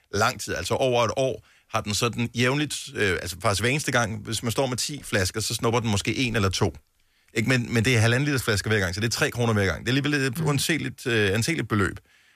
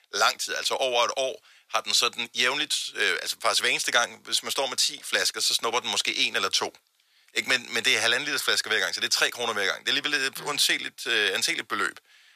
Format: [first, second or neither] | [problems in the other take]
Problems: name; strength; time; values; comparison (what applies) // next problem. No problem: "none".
first | thin; very; fading below 650 Hz